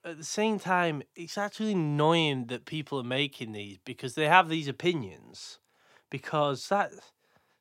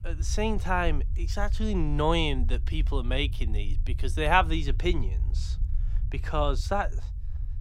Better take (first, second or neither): first